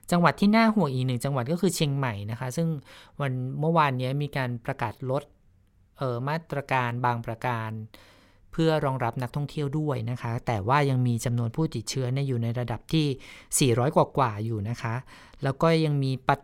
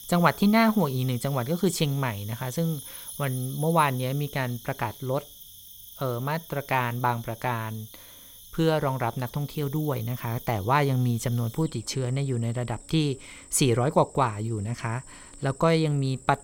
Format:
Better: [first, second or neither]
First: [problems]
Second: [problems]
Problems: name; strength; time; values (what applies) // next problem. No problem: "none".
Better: first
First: none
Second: animal sounds; noticeable; throughout; 15 dB below the speech